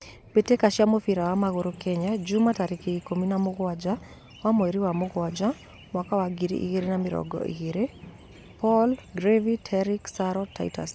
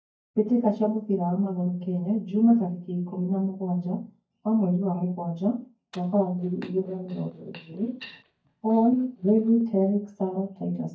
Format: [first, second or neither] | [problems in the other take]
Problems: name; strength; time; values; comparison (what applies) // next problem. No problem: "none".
first | noise reduction (neural mask model DeepFilterNet 3)